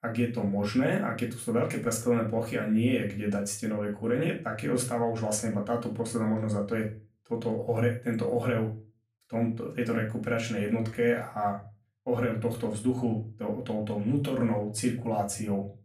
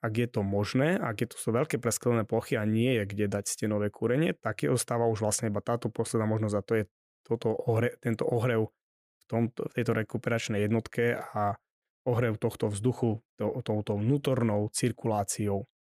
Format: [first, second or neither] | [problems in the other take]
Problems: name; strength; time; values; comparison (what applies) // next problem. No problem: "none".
second | room echo; slight; dies away in 0.3 s // off-mic speech; far